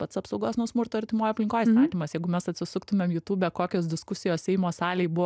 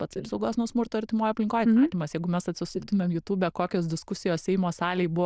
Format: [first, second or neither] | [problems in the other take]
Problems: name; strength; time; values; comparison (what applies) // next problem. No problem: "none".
first | noise reduction (neural diffusion model UNIVERSE++)